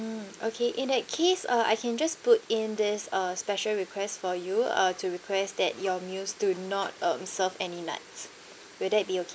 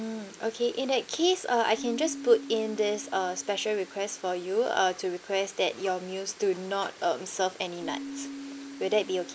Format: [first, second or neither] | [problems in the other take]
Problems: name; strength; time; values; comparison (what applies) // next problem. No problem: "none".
first | background sound (Keyboard (musical)); 16 dB below the speech